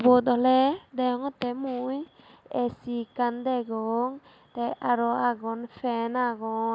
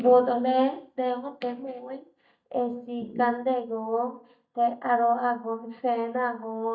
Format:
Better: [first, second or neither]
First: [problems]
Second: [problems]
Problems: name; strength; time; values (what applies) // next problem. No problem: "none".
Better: first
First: none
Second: noise reduction (neural mask model DeepFilterNet 3)